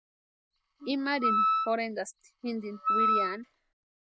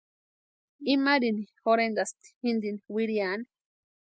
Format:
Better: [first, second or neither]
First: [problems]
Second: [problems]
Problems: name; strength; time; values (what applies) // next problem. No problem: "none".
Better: second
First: background sound (Wind instrument, woodwind instrument); 4 dB above the speech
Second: none